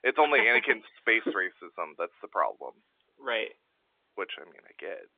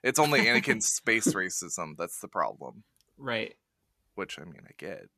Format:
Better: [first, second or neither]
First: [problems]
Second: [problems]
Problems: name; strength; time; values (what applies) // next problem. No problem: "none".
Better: second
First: phone-call audio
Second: none